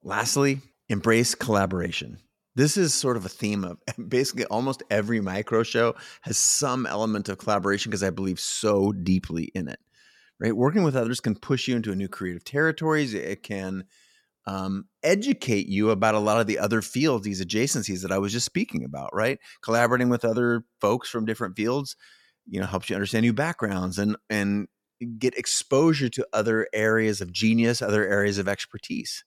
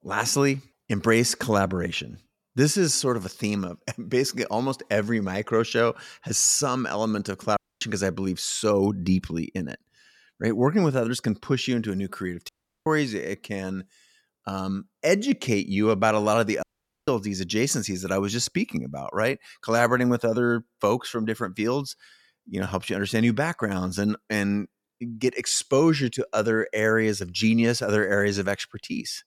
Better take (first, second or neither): first